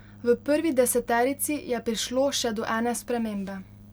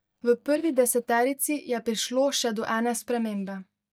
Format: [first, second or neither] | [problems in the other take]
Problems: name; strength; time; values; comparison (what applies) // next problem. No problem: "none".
first | noise reduction (neural mask model DeepFilterNet 3)